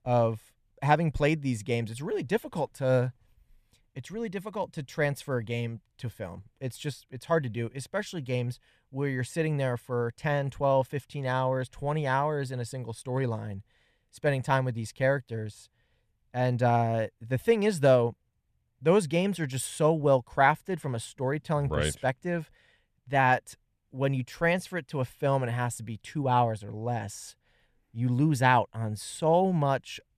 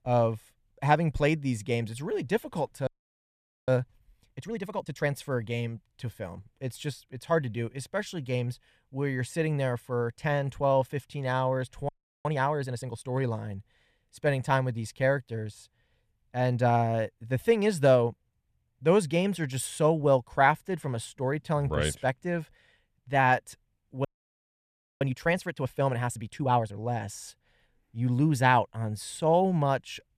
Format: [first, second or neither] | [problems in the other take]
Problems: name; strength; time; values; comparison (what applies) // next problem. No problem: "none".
first | audio freezing; at 3 s for 1 s, at 12 s and at 24 s for 1 s